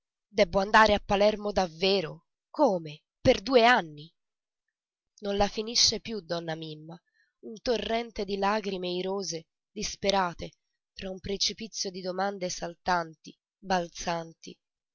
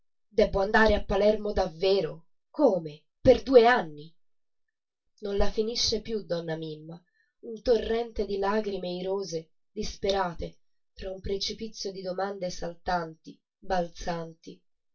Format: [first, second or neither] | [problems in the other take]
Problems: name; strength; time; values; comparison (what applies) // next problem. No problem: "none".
first | room echo; dies away in 0.2 s